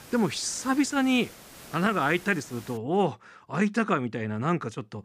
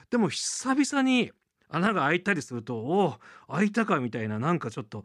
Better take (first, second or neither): second